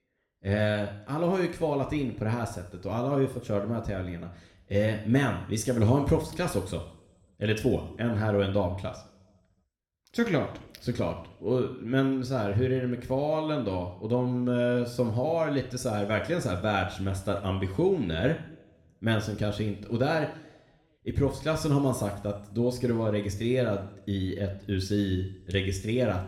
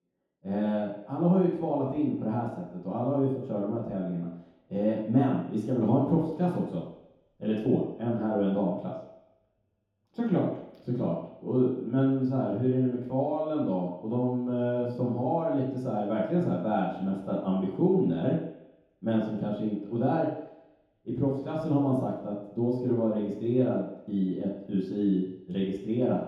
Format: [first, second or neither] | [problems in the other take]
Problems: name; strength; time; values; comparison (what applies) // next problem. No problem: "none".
first | room echo; strong; dies away in 0.8 s; slight in the first // off-mic speech; far